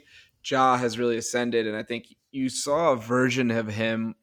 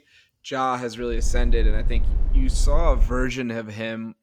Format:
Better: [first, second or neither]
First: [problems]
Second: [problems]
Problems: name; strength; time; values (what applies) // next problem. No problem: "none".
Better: first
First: none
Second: low rumble; noticeable; from 1 to 3 s; 20 dB below the speech